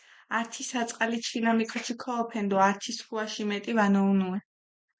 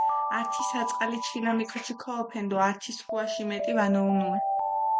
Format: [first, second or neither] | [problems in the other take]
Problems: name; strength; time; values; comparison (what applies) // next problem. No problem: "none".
first | background sound (Alarm); 1 dB below the speech